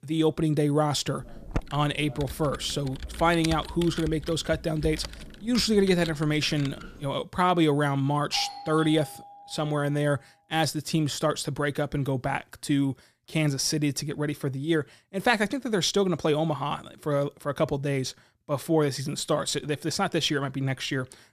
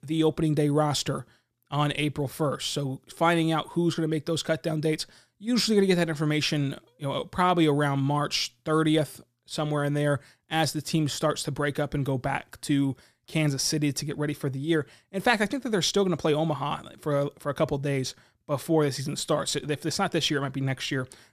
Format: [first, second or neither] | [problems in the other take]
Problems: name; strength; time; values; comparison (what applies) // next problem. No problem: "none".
second | keyboard typing; noticeable; from 1.5 to 7 s; peak 8 dB below the speech // doorbell; noticeable; from 8.5 to 9.5 s; peak 9 dB below the speech